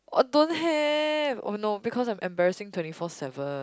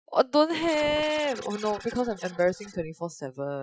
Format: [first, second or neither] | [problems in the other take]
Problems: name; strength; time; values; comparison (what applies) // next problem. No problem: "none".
first | noise reduction (classical method Wiener filter)